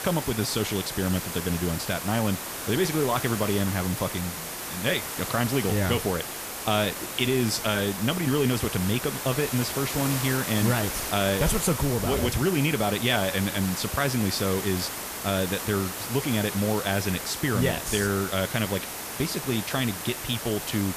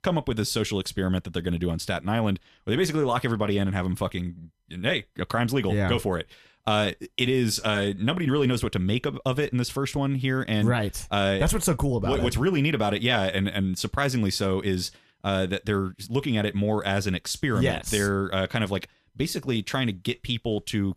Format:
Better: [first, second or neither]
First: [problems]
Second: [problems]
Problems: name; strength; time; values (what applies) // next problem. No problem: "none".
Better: second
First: hiss; loud; throughout; 5 dB below the speech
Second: none